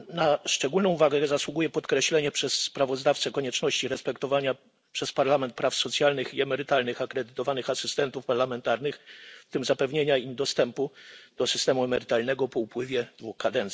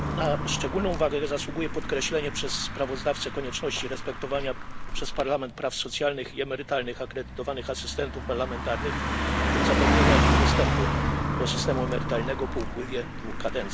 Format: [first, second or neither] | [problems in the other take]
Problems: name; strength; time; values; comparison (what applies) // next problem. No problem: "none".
first | background sound (Car passing by); 2 dB above the speech